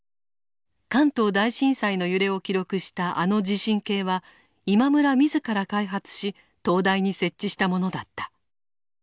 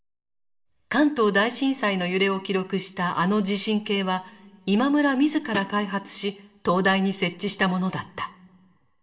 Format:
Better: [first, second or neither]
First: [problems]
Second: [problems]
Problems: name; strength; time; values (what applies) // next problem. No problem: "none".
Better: first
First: none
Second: background sound (Snare drum); 9 dB below the speech // room echo; dies away in 1.1 s